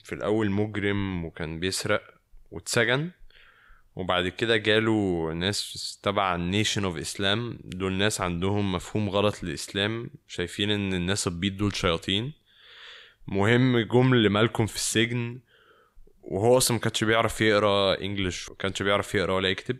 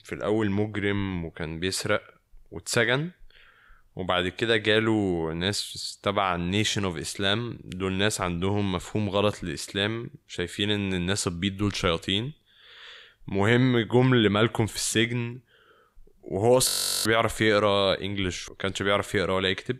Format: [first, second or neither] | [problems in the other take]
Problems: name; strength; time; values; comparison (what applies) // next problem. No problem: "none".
first | audio freezing; at 17 s